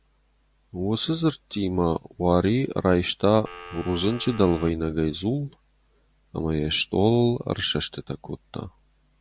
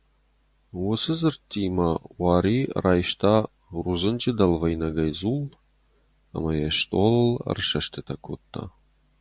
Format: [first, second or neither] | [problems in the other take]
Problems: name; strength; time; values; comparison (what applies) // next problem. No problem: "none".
second | background sound (Telephone); 15 dB below the speech